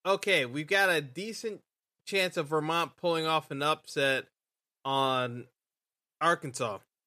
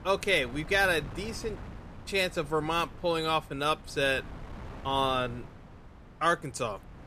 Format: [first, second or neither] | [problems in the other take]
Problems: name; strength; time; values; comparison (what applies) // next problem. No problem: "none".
first | wind noise on the microphone; occasional gusts; 20 dB below the speech